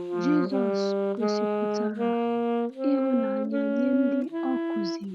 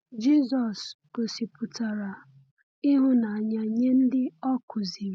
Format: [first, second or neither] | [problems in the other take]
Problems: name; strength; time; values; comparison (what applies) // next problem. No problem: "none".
second | background sound (Wind instrument, woodwind instrument); 2 dB above the speech